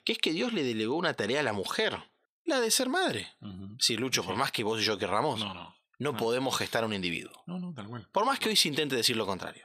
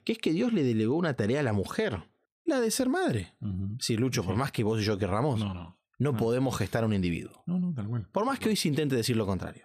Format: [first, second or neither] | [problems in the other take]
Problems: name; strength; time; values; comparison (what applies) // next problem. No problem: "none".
second | thin; somewhat; fading below 700 Hz